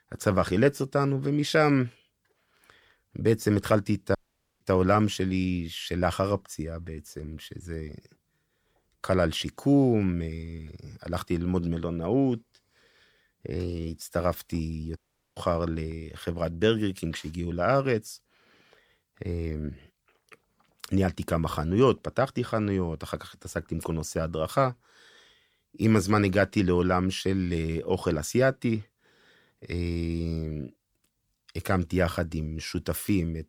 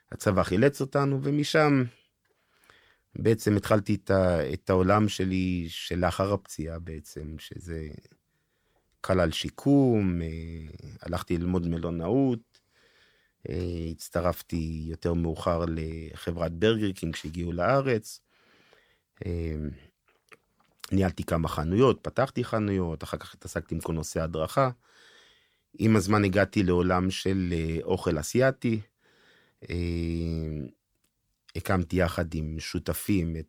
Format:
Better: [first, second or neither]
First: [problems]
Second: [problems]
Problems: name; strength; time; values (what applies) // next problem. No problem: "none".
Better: second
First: audio cutting out; at 4 s and at 15 s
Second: none